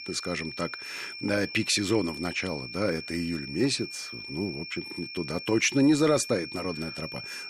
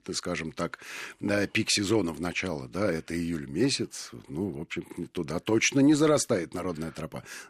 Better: second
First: high-pitched whine; loud; throughout; 2.5 kHz, 9 dB below the speech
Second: none

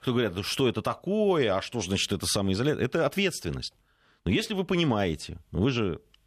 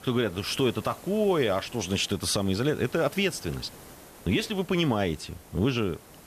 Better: first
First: none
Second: hiss; noticeable; throughout; 20 dB below the speech

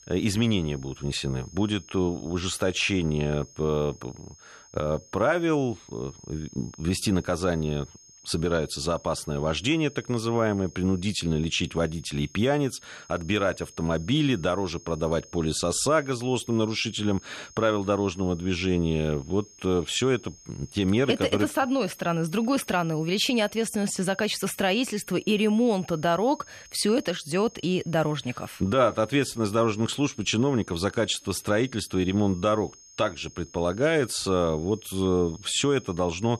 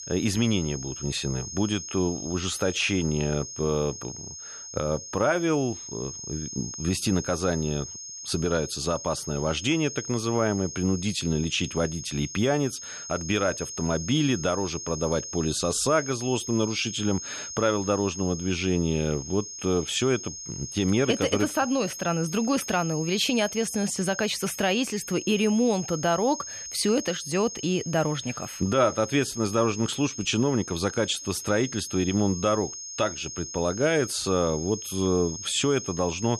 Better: first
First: high-pitched whine; faint; throughout; 6.5 kHz, 25 dB below the speech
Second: high-pitched whine; loud; throughout; 6.5 kHz, 9 dB below the speech

